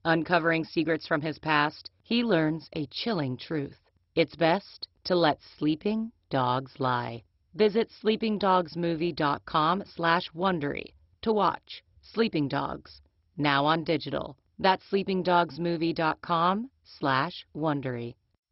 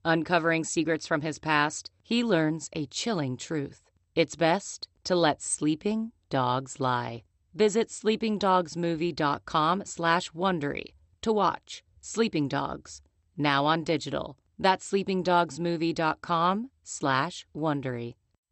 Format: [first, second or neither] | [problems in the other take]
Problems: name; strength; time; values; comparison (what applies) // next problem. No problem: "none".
second | garbled, watery; badly; nothing above 5.5 kHz; slightly in the second